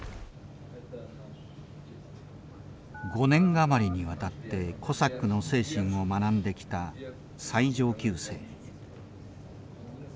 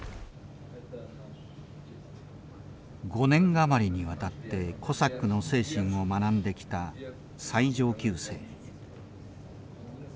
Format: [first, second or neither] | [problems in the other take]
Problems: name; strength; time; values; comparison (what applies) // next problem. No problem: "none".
second | background sound (Telephone); 15 dB below the speech